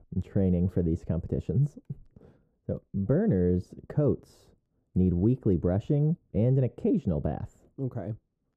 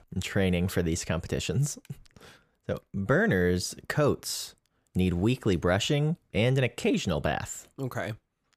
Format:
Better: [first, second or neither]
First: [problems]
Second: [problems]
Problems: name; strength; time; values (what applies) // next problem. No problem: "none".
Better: second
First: muffled; very; fading above 1 kHz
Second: none